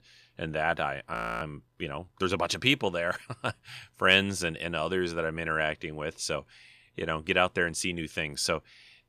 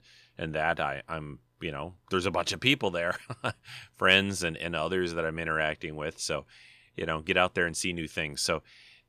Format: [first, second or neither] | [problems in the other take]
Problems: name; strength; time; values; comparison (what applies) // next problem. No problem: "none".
second | audio freezing; at 1 s